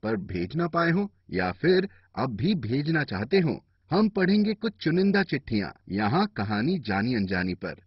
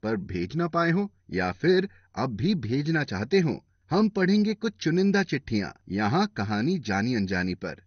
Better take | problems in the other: second | garbled, watery; badly; nothing above 5.5 kHz; slightly in the second

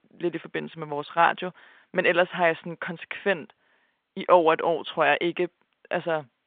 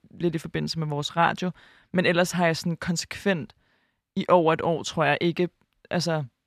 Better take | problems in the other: second | phone-call audio

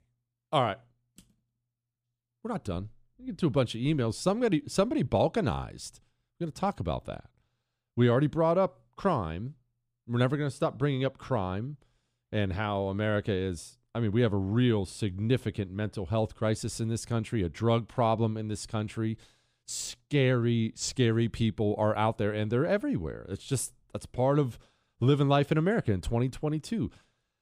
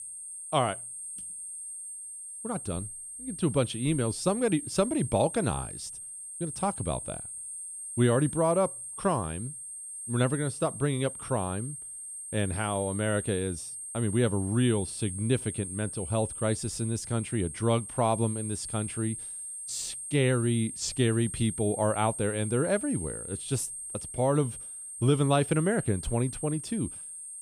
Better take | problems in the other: first | high-pitched whine; loud; throughout; 8.5 kHz, 8 dB below the speech

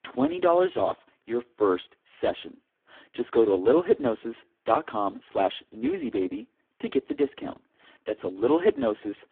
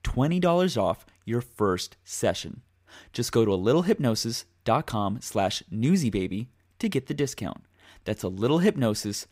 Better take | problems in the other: second | phone-call audio; poor line

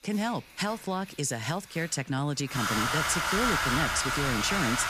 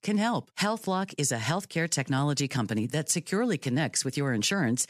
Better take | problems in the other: second | household noises; very loud; throughout; 3 dB above the speech

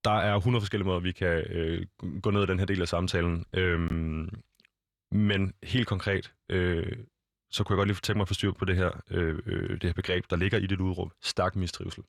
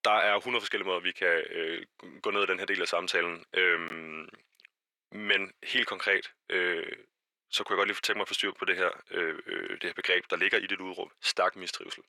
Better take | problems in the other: first | thin; very; fading below 400 Hz

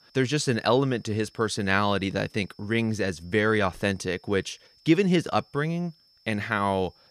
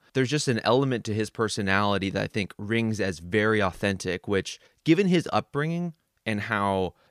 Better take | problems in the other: second | high-pitched whine; faint; throughout; 5.5 kHz, 30 dB below the speech

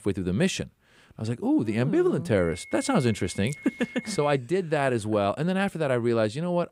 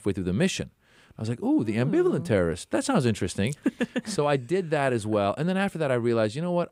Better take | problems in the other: second | high-pitched whine; noticeable; from 2.5 to 4.5 s; 2 kHz, 20 dB below the speech

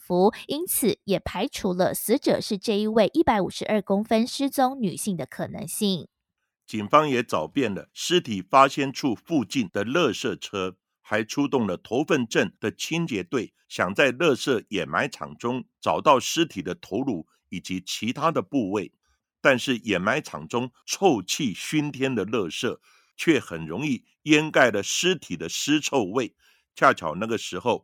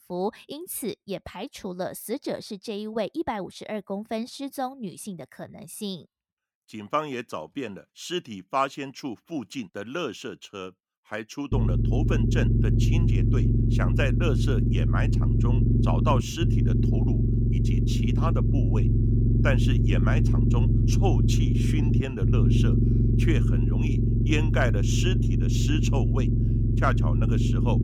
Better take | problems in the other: first | low rumble; loud; from 12 s on; 1 dB below the speech

